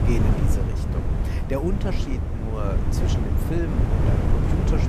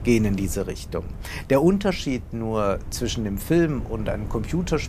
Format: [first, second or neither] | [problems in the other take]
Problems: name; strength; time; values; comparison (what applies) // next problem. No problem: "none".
second | wind noise on the microphone; heavy; 1 dB above the speech; occasional gusts in the second